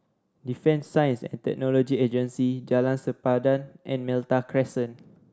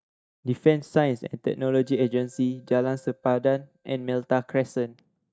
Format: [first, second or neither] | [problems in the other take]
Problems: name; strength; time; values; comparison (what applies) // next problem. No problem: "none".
first | noise reduction (neural mask model DeepFilterNet 3)